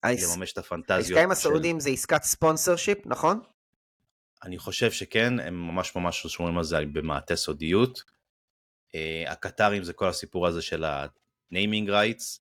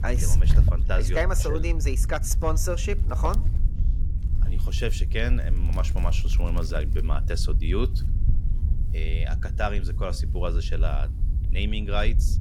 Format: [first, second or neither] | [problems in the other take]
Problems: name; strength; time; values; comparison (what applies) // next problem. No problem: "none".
first | wind noise on the microphone; occasional gusts; 10 dB below the speech